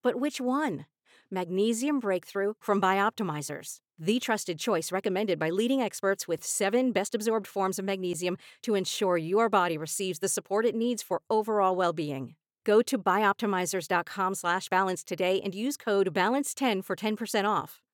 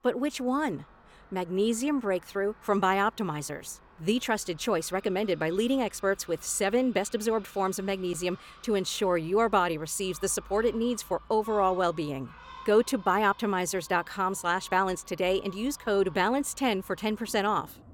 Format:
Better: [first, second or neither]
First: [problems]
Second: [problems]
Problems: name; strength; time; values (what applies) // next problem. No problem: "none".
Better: first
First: none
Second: animal sounds; faint; throughout; 25 dB below the speech